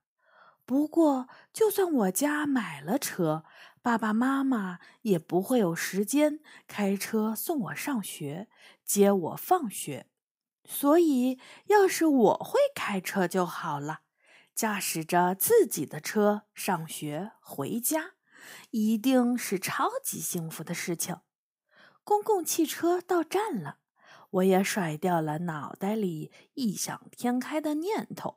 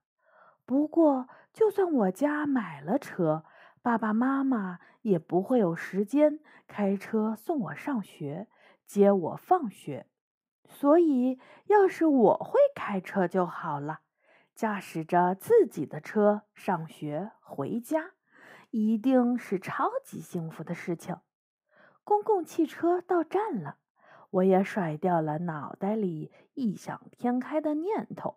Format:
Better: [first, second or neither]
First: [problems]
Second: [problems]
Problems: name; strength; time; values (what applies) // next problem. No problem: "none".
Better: first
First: none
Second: muffled; very; fading above 3 kHz